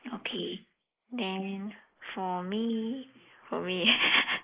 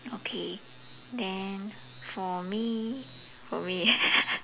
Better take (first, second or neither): second